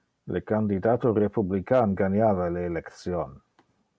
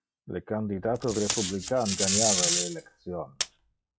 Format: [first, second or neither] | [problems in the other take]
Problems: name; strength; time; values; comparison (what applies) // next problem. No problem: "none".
first | noise reduction (classical method log-MMSE)